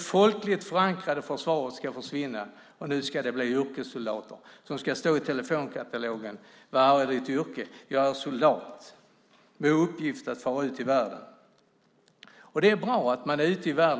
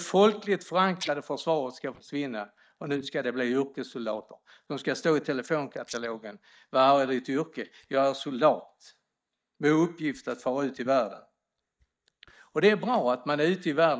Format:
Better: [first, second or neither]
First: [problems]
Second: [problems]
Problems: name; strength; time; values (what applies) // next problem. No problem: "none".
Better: first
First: none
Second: noise reduction (neural mask model DeepFilterNet 3)